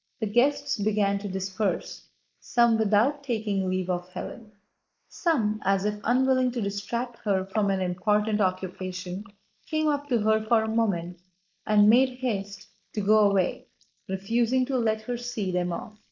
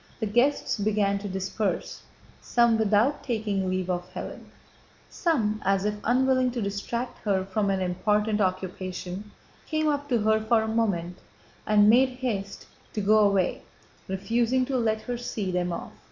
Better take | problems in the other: second | noise reduction (neural mask model Resemble Enhance denoiser)

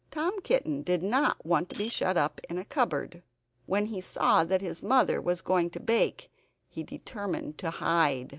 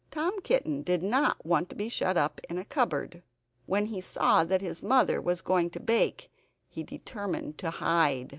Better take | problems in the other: second | background sound (Shatter); 18 dB below the speech

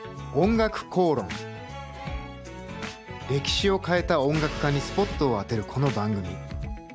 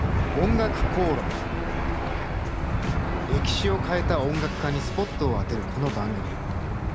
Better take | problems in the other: first | background sound (Engine / Aircraft); 2 dB above the speech

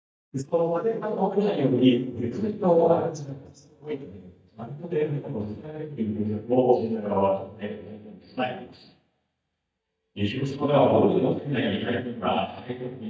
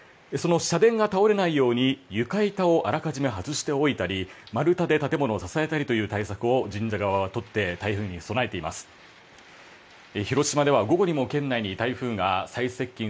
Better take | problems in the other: second | noise reduction (neural mask model DeepFilterNet 3)

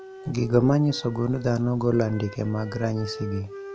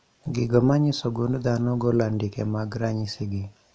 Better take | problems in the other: second | background sound (Wind instrument, woodwind instrument); 16 dB below the speech

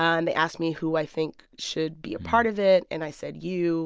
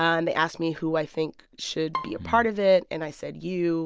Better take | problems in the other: first | background sound (Bowed string instrument); 14 dB below the speech

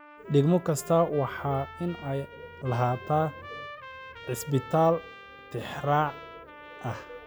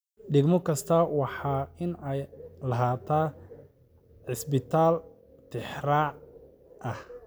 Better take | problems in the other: second | background sound (Trumpet); 17 dB below the speech

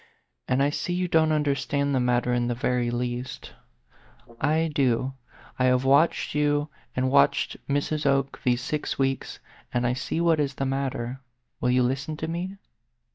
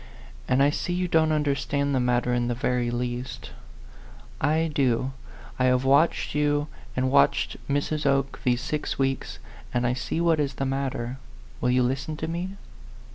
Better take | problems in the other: second | noise reduction (neural mask model DeepFilterNet 3)

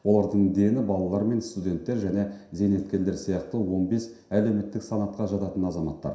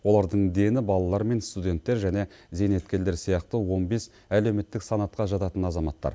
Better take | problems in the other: second | room echo; dies away in 0.7 s

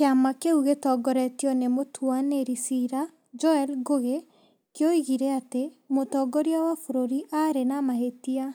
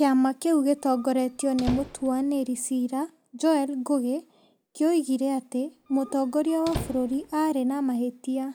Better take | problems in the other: first | background sound (Squeak); 15 dB below the speech

